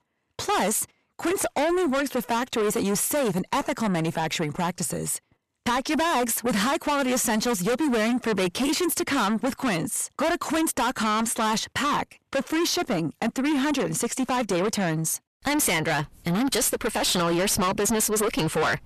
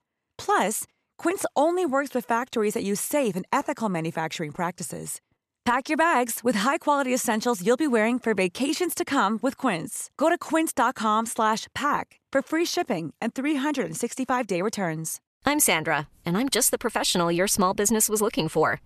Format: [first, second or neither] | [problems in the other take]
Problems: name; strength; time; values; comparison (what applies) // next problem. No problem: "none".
second | distortion; heavy; 6 dB below the speech